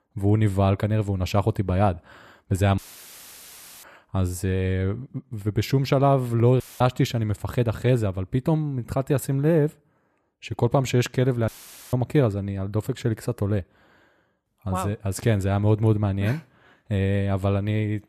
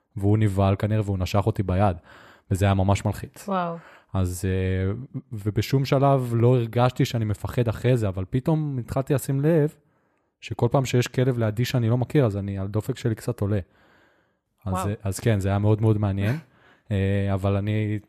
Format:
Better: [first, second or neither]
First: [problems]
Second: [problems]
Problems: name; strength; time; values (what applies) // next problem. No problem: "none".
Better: second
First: audio cutting out; filled with static; at 3 s for 1 s, at 6.5 s and at 11 s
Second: none